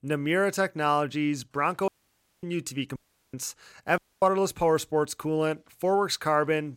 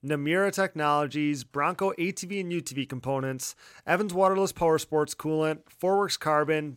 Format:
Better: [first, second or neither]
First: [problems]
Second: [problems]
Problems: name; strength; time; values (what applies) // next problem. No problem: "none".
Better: second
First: audio cutting out; at 2 s for 0.5 s, at 3 s and at 4 s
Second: none